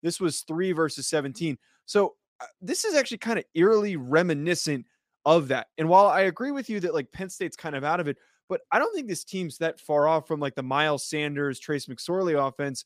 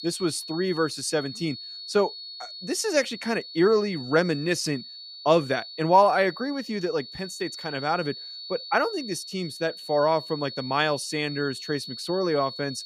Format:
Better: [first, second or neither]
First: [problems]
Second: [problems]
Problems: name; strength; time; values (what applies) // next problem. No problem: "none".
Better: first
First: none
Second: high-pitched whine; noticeable; throughout; 4.5 kHz, 10 dB below the speech